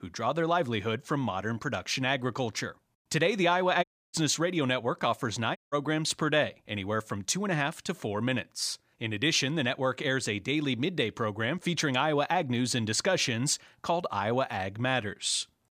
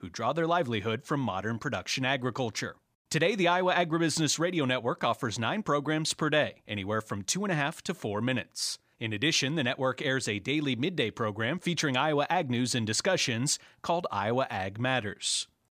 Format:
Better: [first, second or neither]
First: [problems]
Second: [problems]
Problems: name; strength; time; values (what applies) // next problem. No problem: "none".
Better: second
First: audio cutting out; at 4 s and at 5.5 s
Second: none